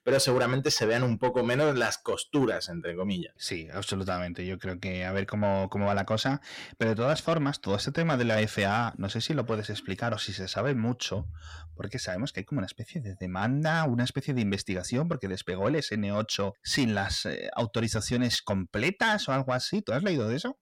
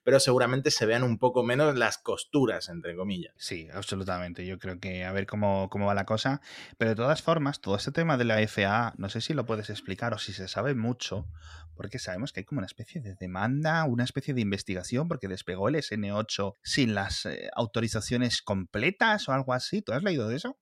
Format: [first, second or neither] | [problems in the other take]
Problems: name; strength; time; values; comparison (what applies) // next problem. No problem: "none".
second | distortion; slight; 10 dB below the speech